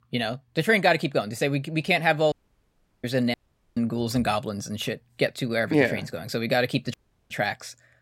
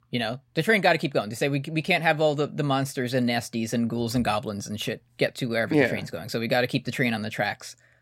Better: second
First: audio cutting out; at 2.5 s for 0.5 s, at 3.5 s and at 7 s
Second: none

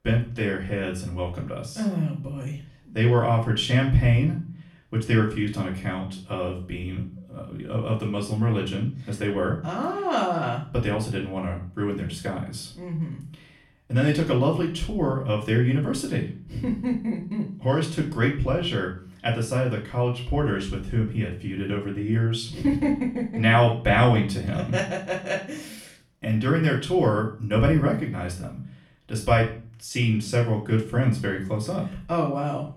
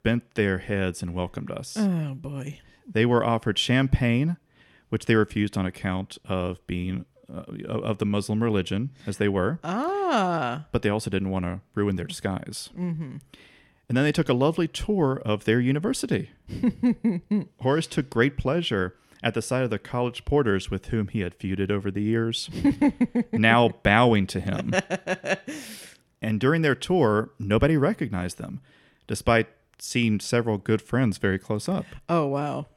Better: second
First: off-mic speech; far // room echo; slight; dies away in 0.4 s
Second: none

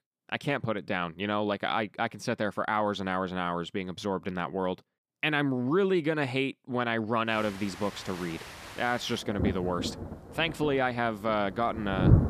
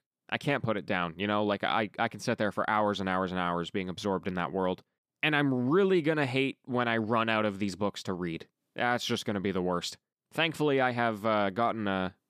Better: second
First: rain or running water; loud; from 7.5 s on; 4 dB below the speech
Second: none

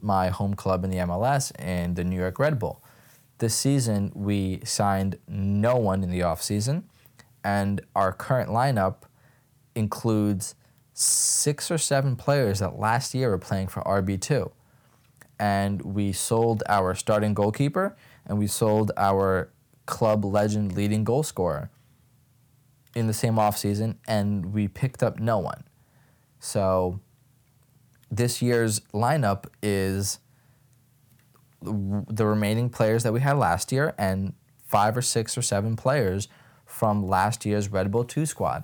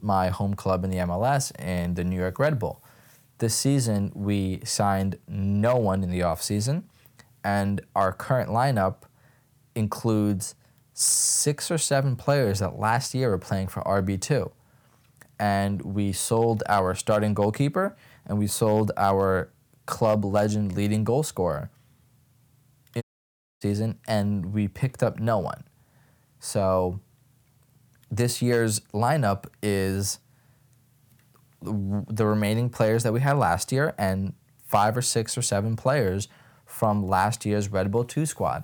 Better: first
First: none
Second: audio cutting out; at 23 s for 0.5 s

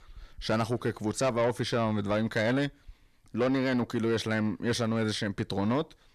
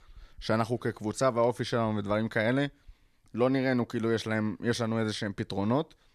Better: second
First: distortion; slight; 10 dB below the speech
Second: none

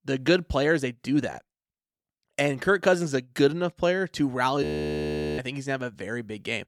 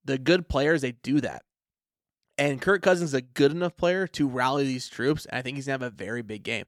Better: second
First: audio freezing; at 4.5 s for 1 s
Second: none

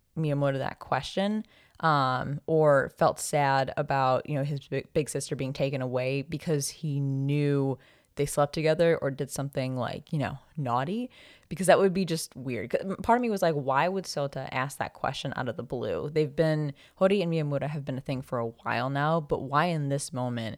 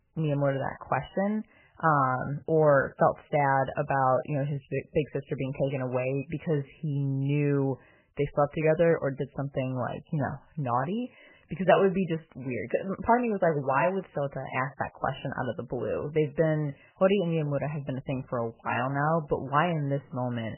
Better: first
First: none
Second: garbled, watery; badly; nothing above 3 kHz

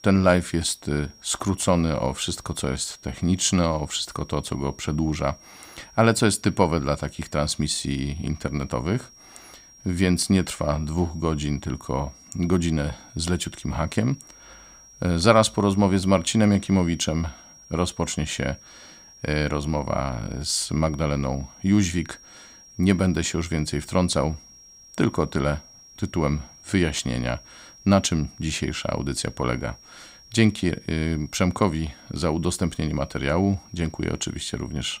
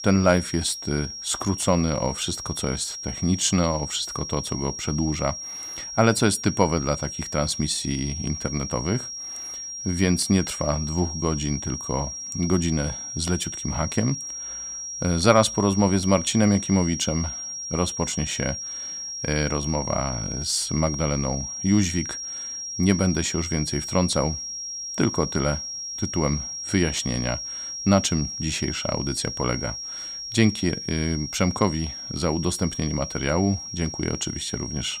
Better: first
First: high-pitched whine; faint; throughout; 5.5 kHz, 25 dB below the speech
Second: high-pitched whine; loud; throughout; 5.5 kHz, 6 dB below the speech

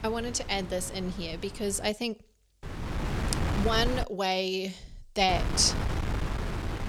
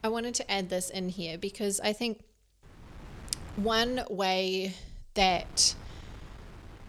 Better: second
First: wind noise on the microphone; heavy; until 2 s, from 2.5 to 4 s and from 5.5 s on; 8 dB below the speech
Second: wind noise on the microphone; occasional gusts; until 2 s, from 2.5 to 4 s and from 5.5 s on; 25 dB below the speech

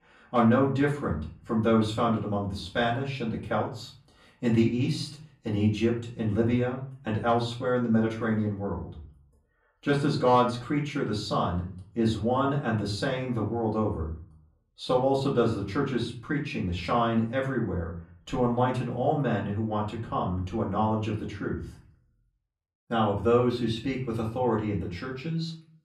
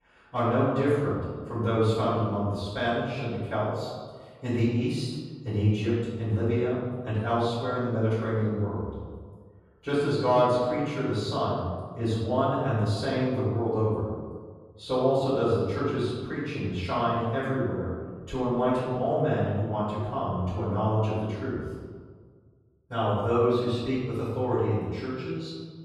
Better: first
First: room echo; slight; dies away in 0.4 s // off-mic speech; far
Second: room echo; strong; dies away in 1.5 s // off-mic speech; far

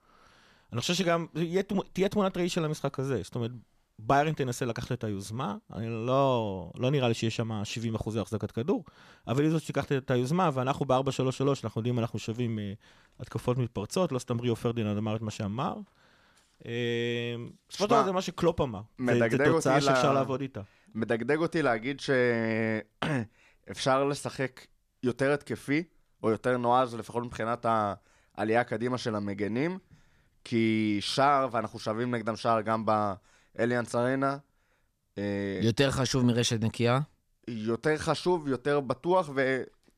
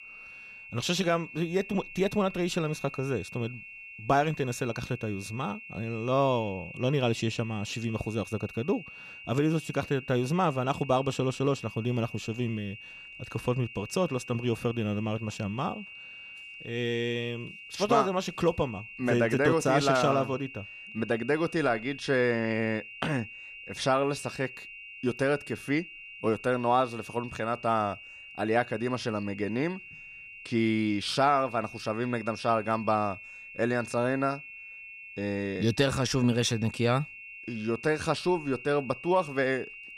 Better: first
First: none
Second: high-pitched whine; noticeable; throughout; 3 kHz, 15 dB below the speech

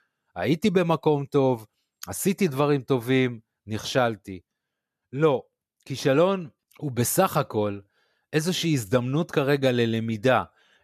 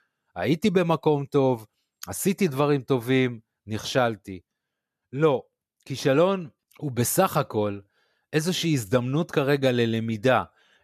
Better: neither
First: none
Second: none

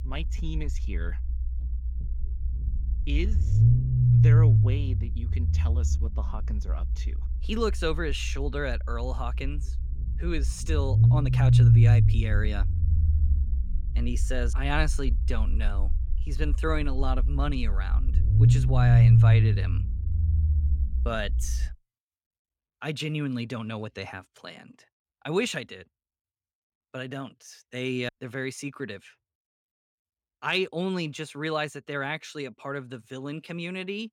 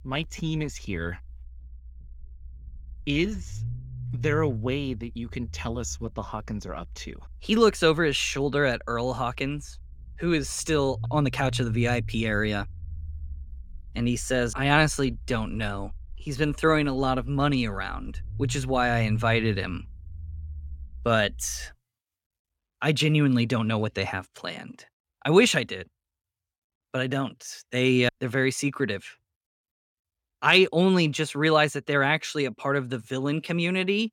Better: second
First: low rumble; loud; until 22 s; 2 dB below the speech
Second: low rumble; faint; until 22 s; 25 dB below the speech

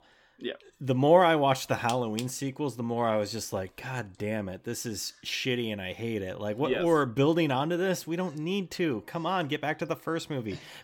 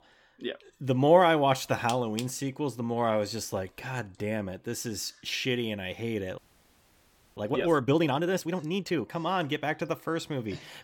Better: first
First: none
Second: audio freezing; at 6.5 s for 1 s

